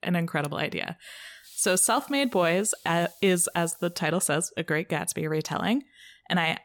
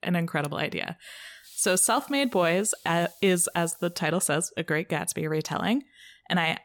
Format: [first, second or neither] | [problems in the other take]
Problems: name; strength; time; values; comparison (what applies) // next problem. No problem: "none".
neither | hiss; faint; from 1.5 to 4 s; 25 dB below the speech; the same in both